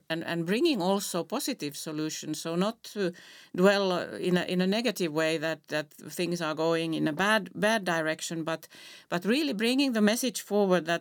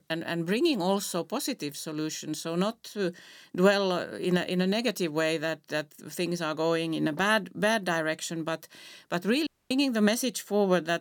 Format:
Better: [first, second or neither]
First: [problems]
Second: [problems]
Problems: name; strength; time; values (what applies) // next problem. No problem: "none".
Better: first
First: none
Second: audio cutting out; at 9.5 s